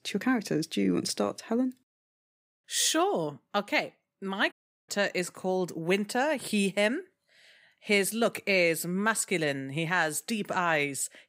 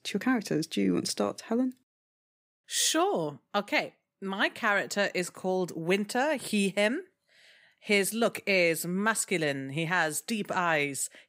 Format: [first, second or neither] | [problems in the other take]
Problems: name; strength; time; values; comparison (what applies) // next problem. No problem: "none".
second | audio cutting out; at 4.5 s